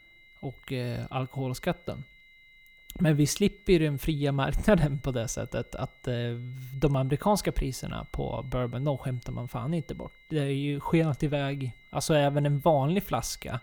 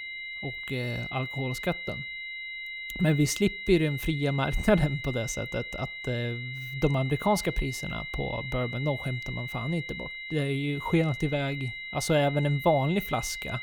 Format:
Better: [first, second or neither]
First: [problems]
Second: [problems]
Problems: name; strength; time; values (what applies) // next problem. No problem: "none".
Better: first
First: high-pitched whine; faint; throughout; 2 kHz, 25 dB below the speech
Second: high-pitched whine; loud; throughout; 2 kHz, 7 dB below the speech